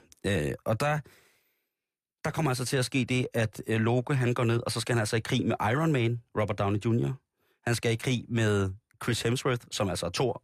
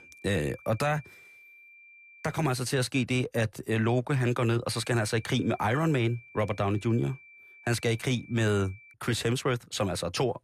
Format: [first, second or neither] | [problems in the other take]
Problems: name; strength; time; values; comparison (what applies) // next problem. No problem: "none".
first | high-pitched whine; faint; until 2.5 s and from 4.5 to 9 s; 2.5 kHz, 20 dB below the speech